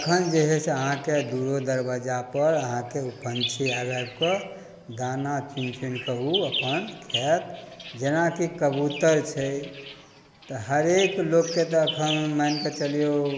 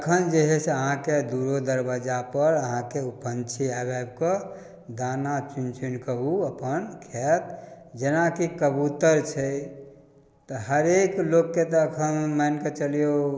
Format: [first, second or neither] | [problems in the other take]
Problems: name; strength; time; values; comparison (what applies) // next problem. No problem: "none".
second | background sound (Bird vocalization, bird call, bird song); 11 dB below the speech